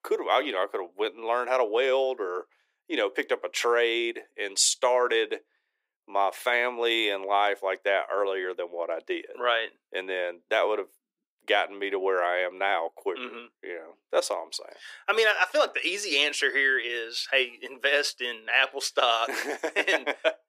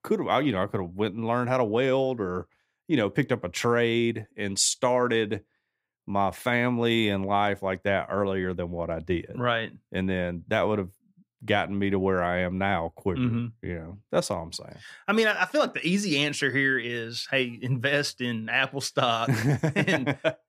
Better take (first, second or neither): second